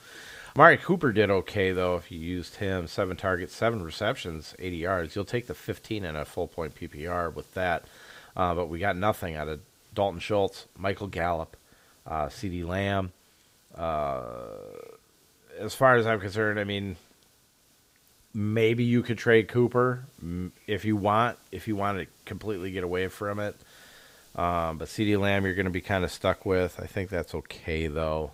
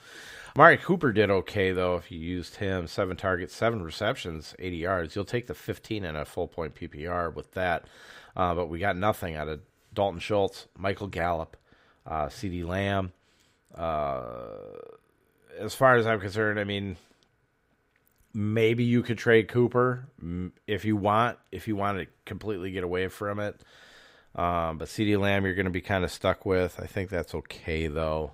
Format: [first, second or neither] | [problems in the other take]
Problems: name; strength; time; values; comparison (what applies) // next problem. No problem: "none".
second | hiss; faint; throughout; 30 dB below the speech